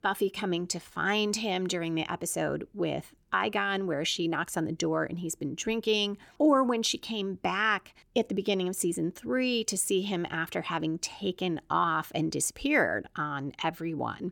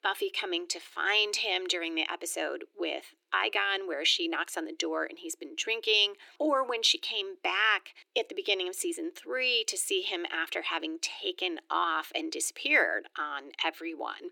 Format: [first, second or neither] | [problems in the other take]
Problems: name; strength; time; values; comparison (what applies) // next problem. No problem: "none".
first | thin; very; fading below 350 Hz